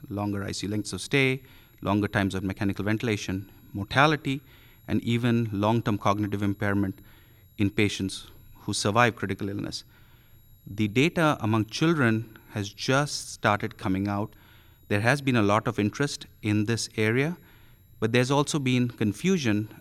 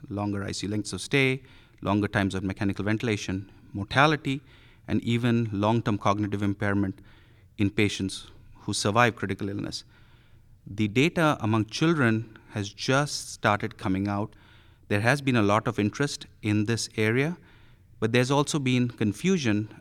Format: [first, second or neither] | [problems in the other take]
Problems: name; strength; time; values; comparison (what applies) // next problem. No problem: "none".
second | high-pitched whine; faint; throughout; 11.5 kHz, 35 dB below the speech